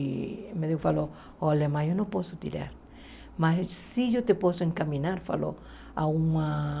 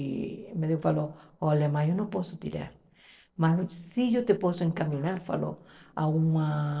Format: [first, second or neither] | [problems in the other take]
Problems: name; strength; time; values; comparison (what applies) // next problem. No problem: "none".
first | noise reduction (neural separator model SepFormer DNS4)